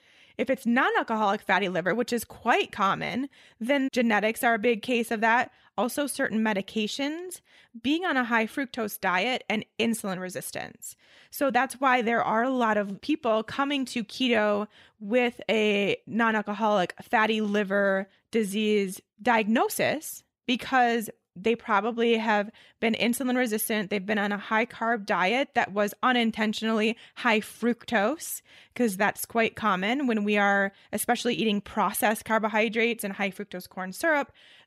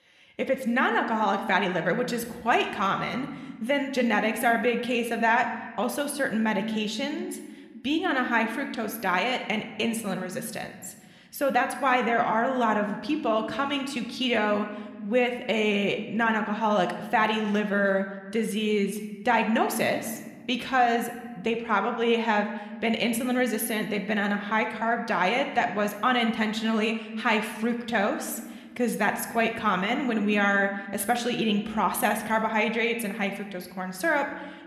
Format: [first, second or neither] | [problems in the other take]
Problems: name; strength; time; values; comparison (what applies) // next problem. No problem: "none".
first | room echo; slight; dies away in 1.1 s